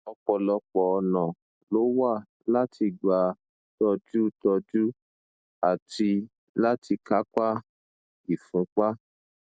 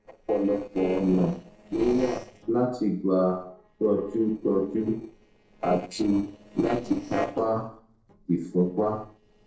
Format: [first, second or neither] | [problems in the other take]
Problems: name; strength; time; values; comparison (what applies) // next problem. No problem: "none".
first | noise reduction (neural separator model SepFormer DNS4)